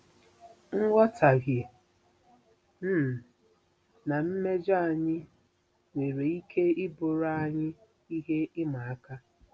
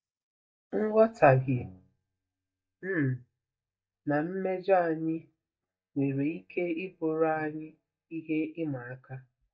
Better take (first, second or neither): first